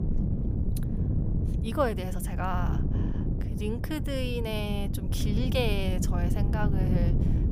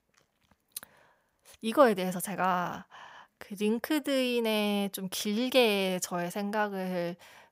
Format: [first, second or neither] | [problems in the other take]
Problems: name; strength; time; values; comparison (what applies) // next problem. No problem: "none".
second | wind noise on the microphone; heavy; 7 dB below the speech